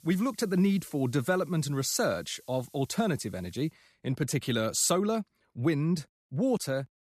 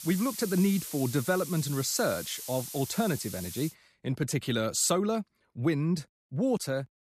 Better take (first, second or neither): first